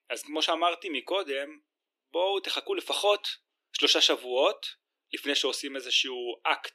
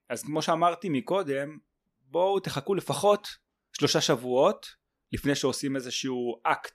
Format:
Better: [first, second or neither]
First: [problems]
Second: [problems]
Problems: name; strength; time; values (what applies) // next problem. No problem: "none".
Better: second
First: thin; somewhat; fading below 300 Hz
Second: none